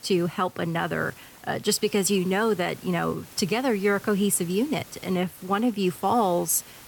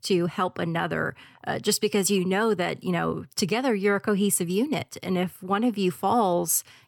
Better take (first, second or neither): second